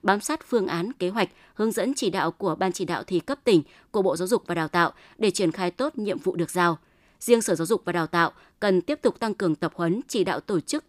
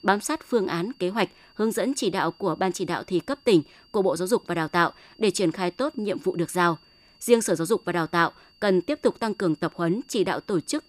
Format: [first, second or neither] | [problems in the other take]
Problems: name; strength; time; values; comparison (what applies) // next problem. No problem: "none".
first | high-pitched whine; faint; throughout; 4.5 kHz, 30 dB below the speech